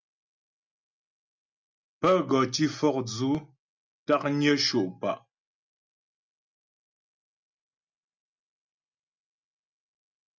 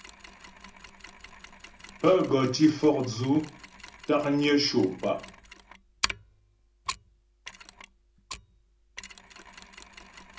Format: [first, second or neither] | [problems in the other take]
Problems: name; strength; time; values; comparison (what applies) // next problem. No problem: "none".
first | background sound (Mechanisms); 14 dB below the speech // room echo; dies away in 0.3 s